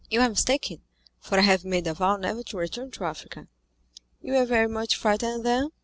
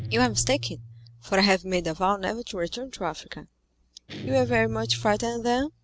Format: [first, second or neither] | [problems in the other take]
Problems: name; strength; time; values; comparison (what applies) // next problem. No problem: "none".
first | background sound (Guitar); 12 dB below the speech